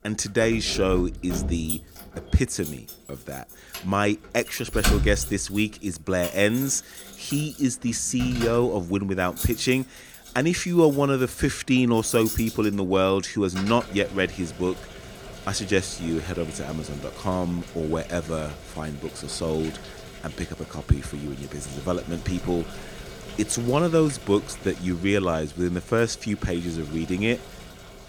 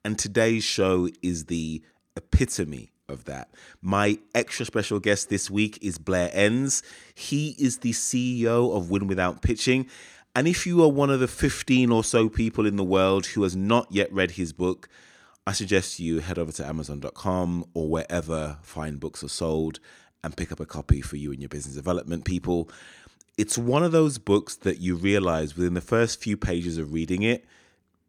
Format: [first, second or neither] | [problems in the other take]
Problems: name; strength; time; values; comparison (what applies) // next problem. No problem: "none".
second | household noises; noticeable; throughout; 10 dB below the speech